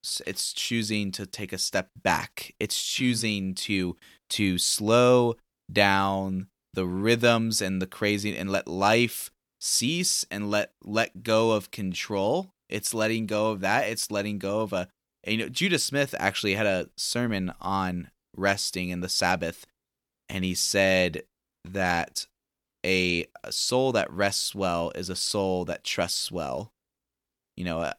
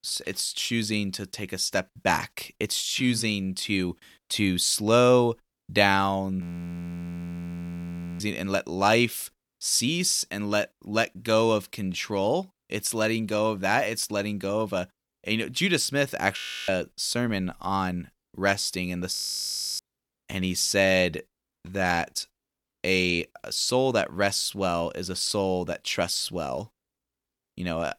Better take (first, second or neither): first